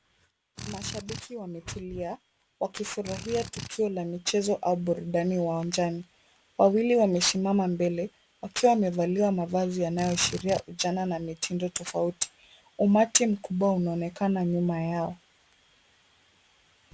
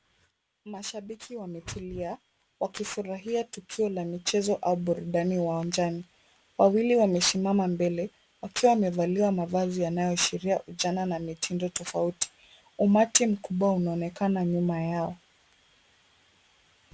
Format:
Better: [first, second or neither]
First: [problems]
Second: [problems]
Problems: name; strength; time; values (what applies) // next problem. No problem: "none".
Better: second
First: background sound (Drill); 11 dB below the speech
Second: none